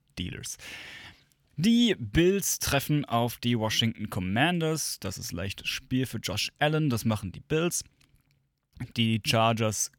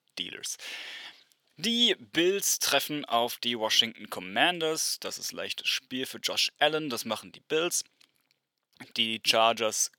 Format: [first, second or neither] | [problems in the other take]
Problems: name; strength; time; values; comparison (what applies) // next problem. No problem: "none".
first | thin; somewhat; fading below 450 Hz